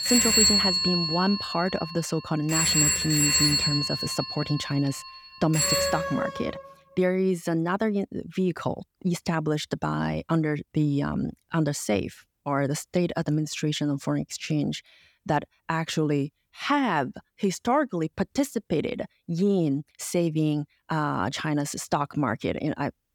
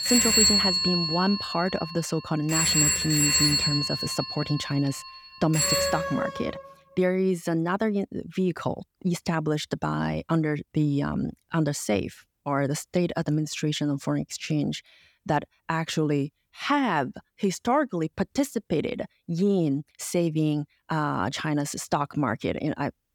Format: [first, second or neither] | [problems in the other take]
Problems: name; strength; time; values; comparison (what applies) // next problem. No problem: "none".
neither | alarms or sirens; very loud; until 6.5 s; 5 dB above the speech; the same in both